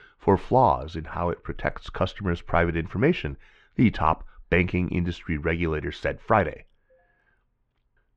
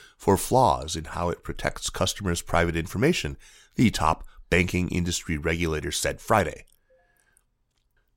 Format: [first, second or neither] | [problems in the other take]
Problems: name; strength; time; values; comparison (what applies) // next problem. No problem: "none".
second | muffled; very; fading above 2.5 kHz